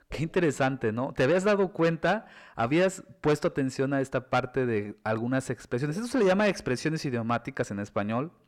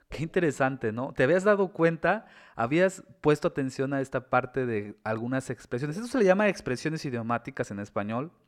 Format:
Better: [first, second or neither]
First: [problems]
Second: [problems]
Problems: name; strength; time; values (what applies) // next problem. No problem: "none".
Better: second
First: distortion; slight; 10 dB below the speech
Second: none